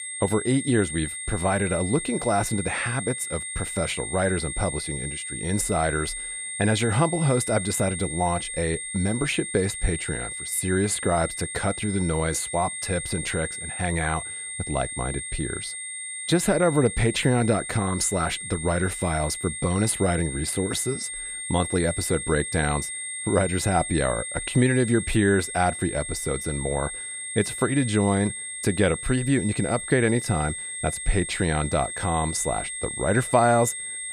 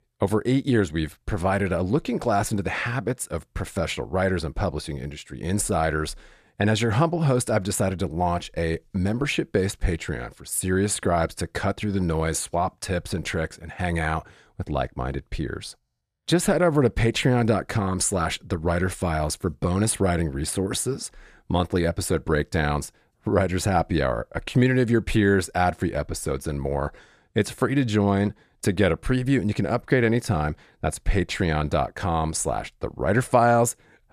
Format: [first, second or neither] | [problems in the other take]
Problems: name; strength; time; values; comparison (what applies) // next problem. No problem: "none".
second | high-pitched whine; loud; throughout; 8.5 kHz, 6 dB below the speech